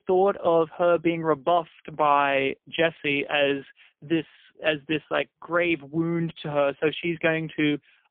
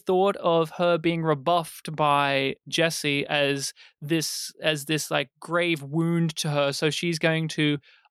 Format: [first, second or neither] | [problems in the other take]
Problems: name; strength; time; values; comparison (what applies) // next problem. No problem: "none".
second | phone-call audio; poor line; nothing above 3.5 kHz